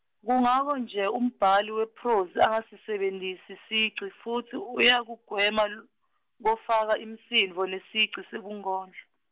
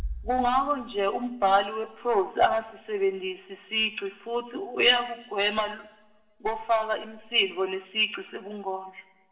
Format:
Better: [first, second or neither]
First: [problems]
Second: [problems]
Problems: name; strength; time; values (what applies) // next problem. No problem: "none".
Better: first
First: none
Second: background sound (Bass drum); 19 dB below the speech // room echo; dies away in 0.8 s